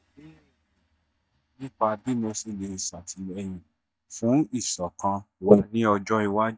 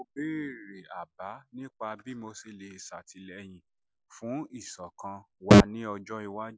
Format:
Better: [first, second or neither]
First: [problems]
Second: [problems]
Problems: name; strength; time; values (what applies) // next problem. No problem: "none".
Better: second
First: noise reduction (neural mask model DeepFilterNet 3)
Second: none